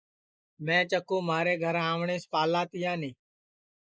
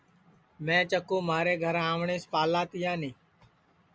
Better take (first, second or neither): second